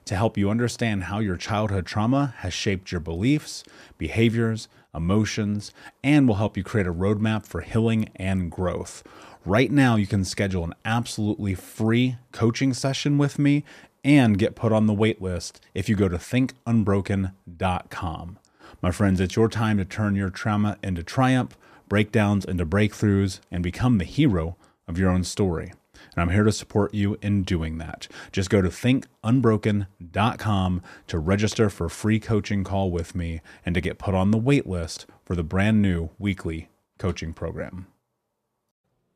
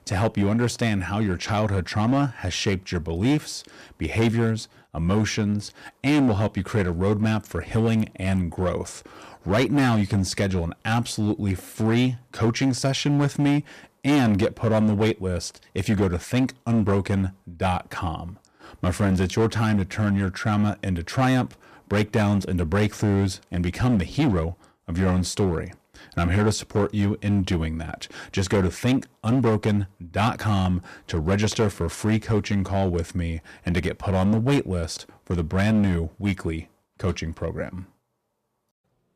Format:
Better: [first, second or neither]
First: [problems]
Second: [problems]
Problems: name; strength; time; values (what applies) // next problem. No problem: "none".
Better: first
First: none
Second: distortion; slight; 8% of the sound clipped